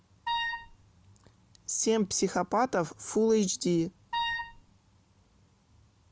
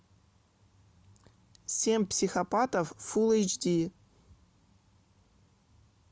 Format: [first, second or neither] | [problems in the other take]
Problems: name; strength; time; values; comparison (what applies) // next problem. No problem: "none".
second | background sound (Wind instrument, woodwind instrument); 3 dB below the speech